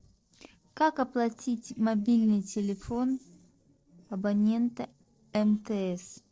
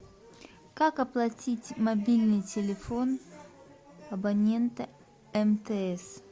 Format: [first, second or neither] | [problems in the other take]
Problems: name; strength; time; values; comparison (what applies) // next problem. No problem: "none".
second | noise reduction (neural separator model SepFormer DNS4)